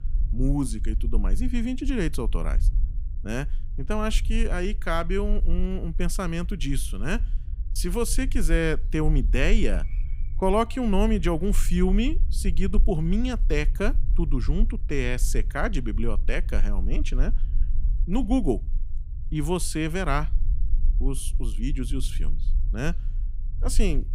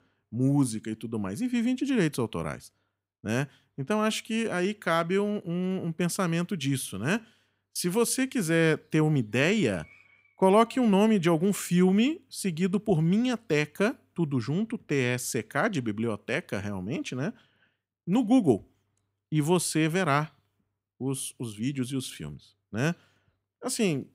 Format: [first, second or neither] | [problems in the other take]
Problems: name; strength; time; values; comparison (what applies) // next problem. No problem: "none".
second | low rumble; faint; throughout; 20 dB below the speech